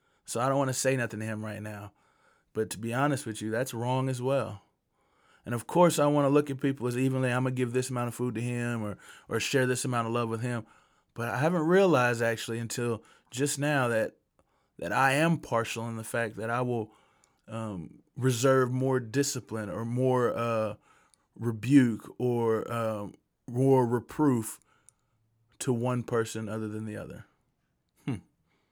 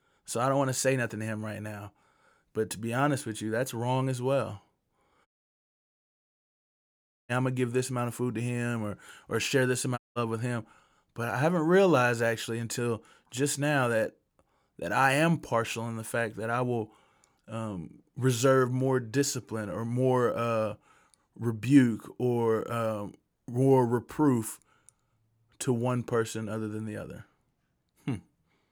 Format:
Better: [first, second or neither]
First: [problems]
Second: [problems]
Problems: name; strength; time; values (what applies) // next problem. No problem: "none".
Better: first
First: none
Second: audio cutting out; at 5.5 s for 2 s and at 10 s